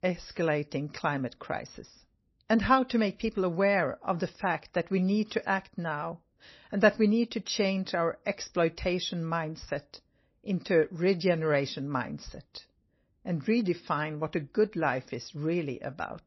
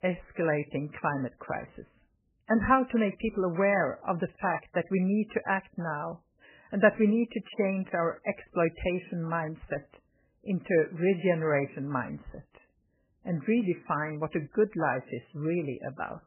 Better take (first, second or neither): first